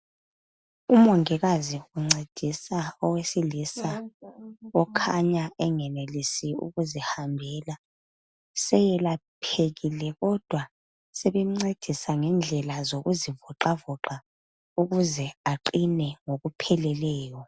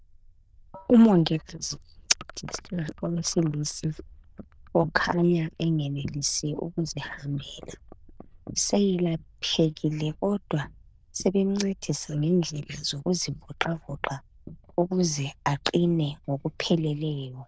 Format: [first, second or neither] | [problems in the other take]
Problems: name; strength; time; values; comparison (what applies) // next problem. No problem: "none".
first | noise reduction (neural diffusion model UNIVERSE++)